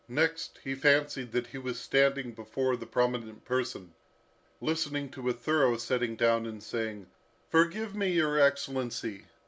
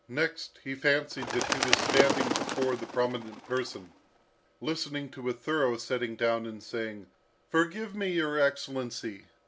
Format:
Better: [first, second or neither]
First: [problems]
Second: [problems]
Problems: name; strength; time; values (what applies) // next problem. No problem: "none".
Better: first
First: none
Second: background sound (Bird); 1 dB below the speech